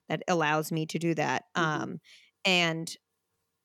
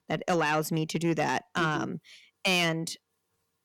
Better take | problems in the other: first | distortion; slight; 10 dB below the speech

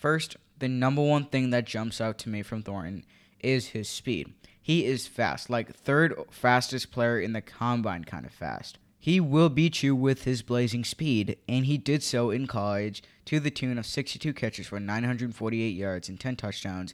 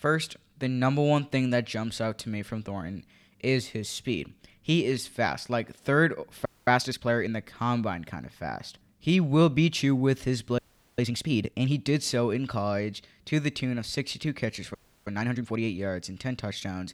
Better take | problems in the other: first | audio freezing; at 6.5 s, at 11 s and at 15 s

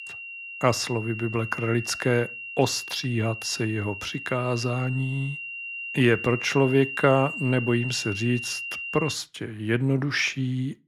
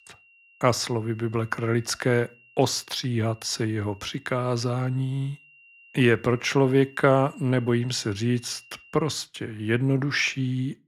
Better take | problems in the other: second | high-pitched whine; loud; until 9 s; 3 kHz, 8 dB below the speech; faint in the second

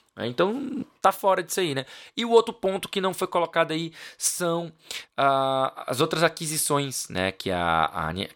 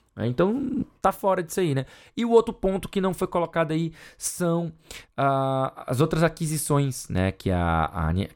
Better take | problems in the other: second | thin; somewhat; fading below 1 kHz

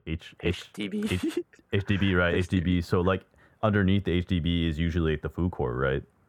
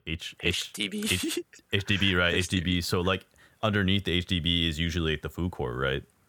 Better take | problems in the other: second | muffled; slightly; fading above 2 kHz

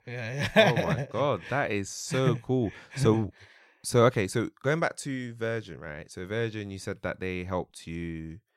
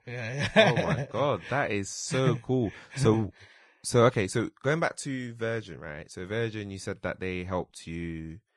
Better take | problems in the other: first | garbled, watery; slightly; nothing above 10.5 kHz

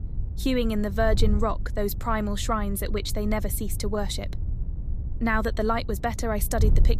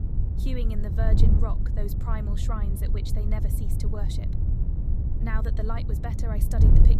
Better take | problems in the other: first | wind noise on the microphone; heavy; 3 dB below the speech; occasional gusts in the first

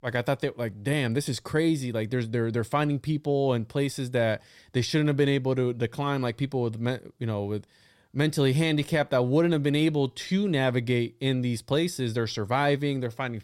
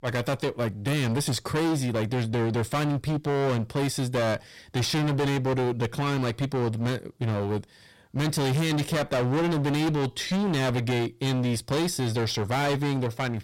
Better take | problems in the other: first | distortion; heavy; 31% of the sound clipped

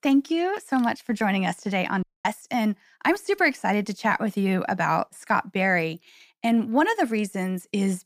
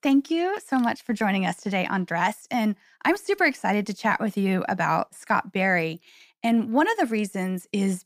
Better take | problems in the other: second | audio cutting out; at 2 s

